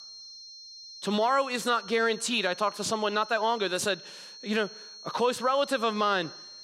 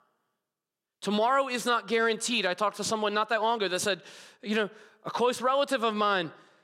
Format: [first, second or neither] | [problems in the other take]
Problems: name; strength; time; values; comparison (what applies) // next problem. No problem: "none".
second | high-pitched whine; noticeable; throughout; 4 kHz, 15 dB below the speech